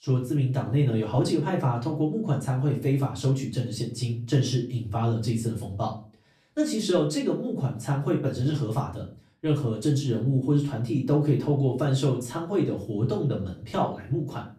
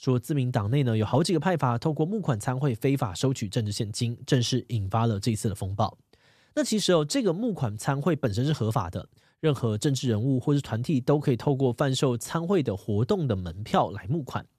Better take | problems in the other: second | off-mic speech; far // room echo; slight; dies away in 0.3 s

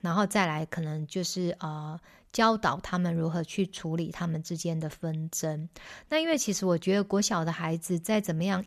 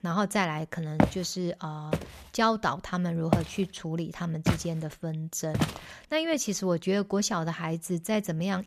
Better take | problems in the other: first | footsteps; loud; from 1 to 5.5 s; peak 3 dB above the speech

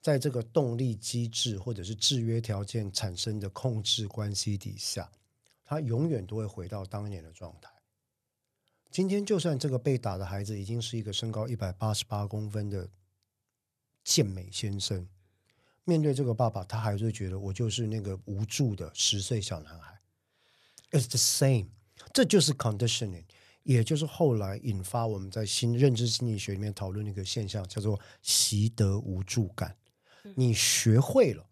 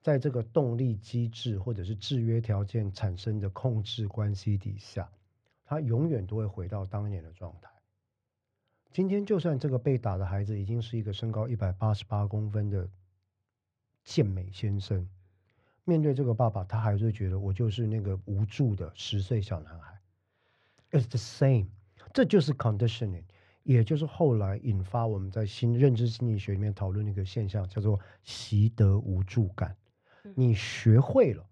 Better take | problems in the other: first | muffled; very; fading above 2 kHz

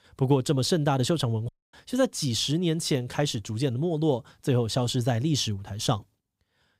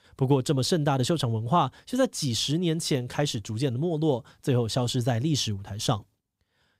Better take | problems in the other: second | audio cutting out; at 1.5 s

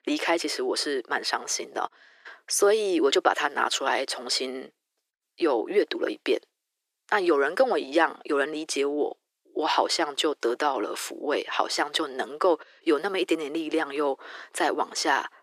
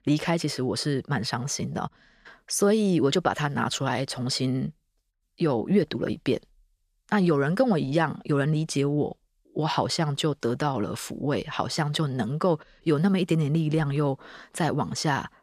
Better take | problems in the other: second | thin; very; fading below 350 Hz

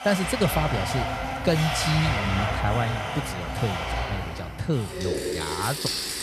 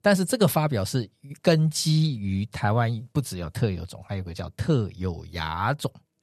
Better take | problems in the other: second | household noises; very loud; throughout; as loud as the speech

